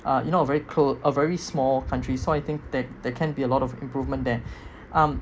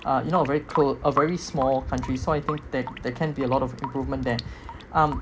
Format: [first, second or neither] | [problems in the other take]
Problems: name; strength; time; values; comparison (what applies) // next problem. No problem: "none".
first | background sound (Drip / Sink (filling or washing) / Water tap, faucet); 11 dB below the speech